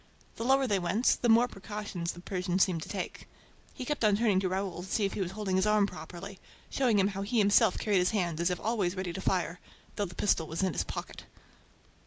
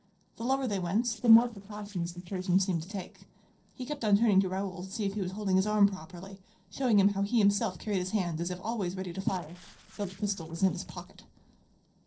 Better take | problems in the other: first | noise reduction (neural separator model SepFormer DNS4)

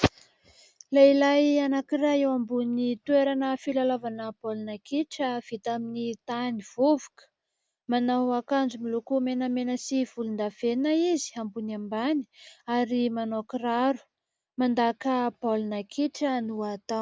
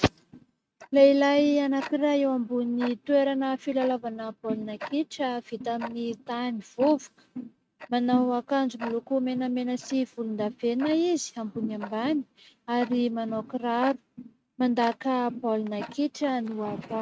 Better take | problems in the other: first | noise reduction (neural mask model RNNoise)

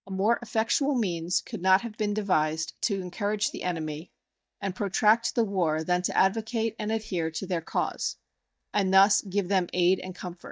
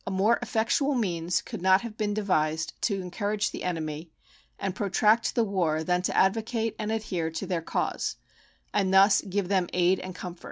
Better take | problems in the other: second | noise reduction (neural mask model DeepFilterNet 3)

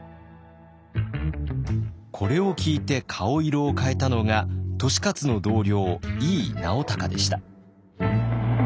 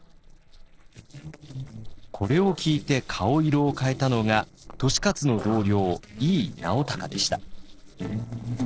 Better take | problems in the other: first | noise reduction (neural separator model SepFormer DNS4)

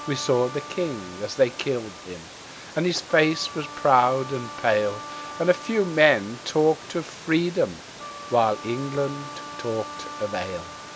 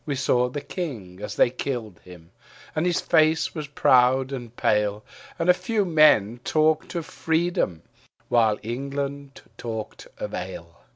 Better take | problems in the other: second | background sound (Water + Wind instrument, woodwind instrument); 13 dB below the speech

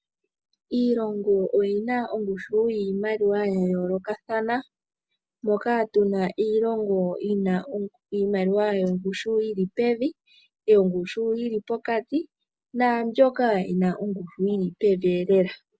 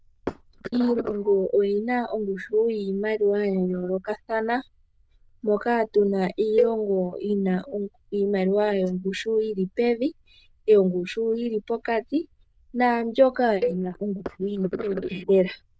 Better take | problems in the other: first | noise reduction (neural diffusion model UNIVERSE++)

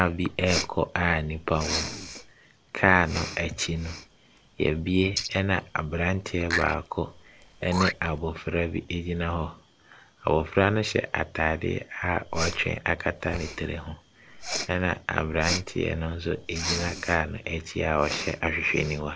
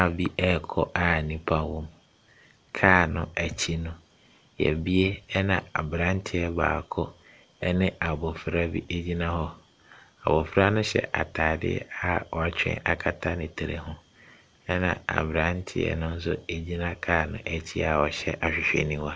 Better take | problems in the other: second | background sound (Respiratory sounds); 10 dB below the speech

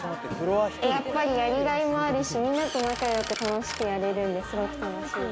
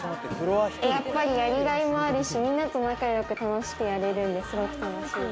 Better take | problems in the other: second | background sound (Drill); 16 dB below the speech

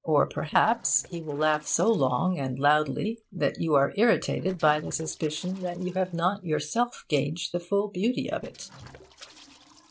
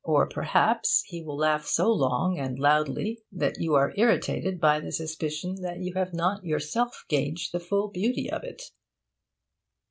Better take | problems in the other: second | noise reduction (neural separator model SepFormer DNS4)

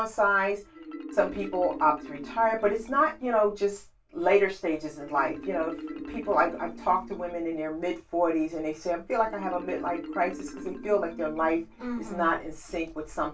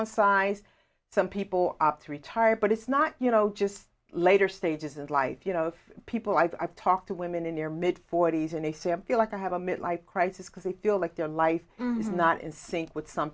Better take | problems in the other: second | background sound (Marimba, xylophone); 14 dB below the speech // room echo; dies away in 0.1 s

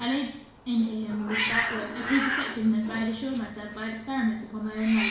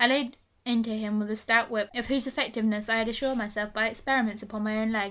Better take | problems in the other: second | background sound (Hiss); 5 dB below the speech // room echo; dies away in 0.7 s

